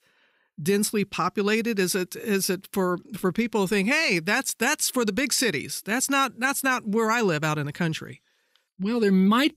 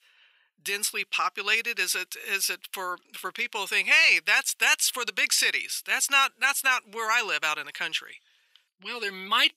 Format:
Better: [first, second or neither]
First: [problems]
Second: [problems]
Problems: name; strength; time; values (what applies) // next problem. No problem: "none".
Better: first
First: none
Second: thin; very; fading below 900 Hz